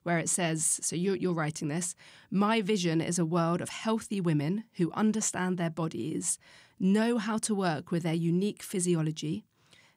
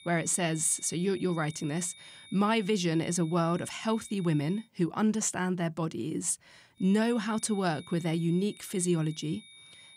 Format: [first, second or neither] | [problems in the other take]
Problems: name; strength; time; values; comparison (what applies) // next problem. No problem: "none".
first | high-pitched whine; faint; until 4.5 s and from 7 s on; 3.5 kHz, 20 dB below the speech